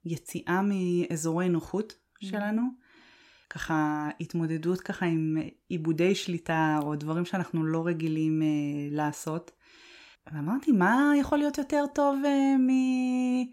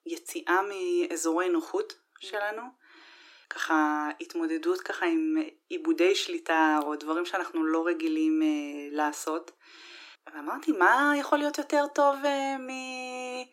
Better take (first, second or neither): first